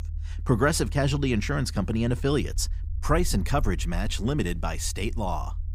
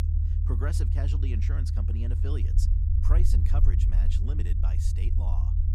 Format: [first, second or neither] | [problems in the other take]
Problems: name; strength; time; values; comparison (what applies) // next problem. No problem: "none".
first | low rumble; loud; throughout; 1 dB below the speech; faint in the first